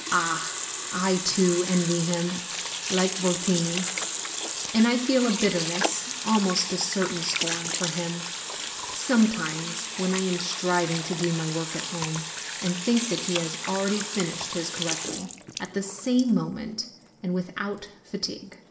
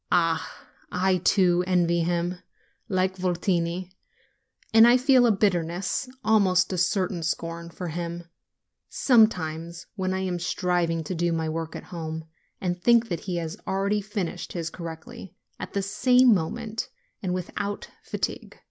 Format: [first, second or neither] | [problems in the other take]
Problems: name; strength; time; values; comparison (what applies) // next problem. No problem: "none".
second | background sound (Sink (filling or washing) / Water tap, faucet); 5 dB below the speech // room echo; dies away in 0.7 s